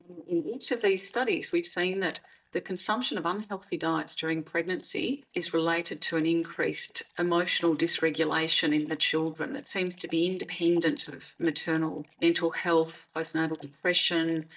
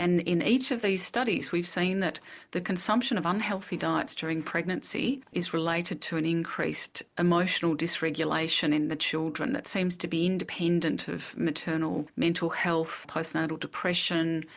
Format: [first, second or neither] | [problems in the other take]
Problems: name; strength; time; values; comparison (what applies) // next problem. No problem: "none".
second | noise reduction (neural mask model DeepFilterNet 3)